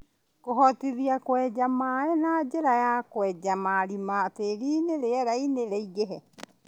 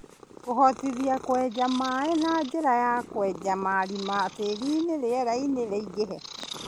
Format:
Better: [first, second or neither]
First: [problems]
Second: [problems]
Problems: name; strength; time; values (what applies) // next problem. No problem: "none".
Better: first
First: none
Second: background sound (Purr); 15 dB below the speech